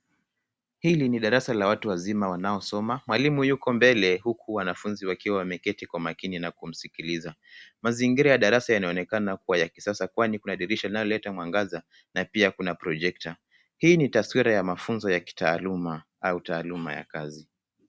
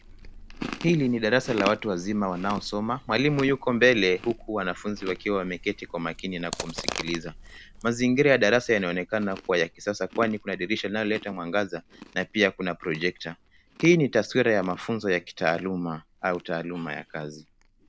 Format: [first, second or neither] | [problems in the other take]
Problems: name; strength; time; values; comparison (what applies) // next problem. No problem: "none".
first | background sound (Chewing, mastication); 15 dB below the speech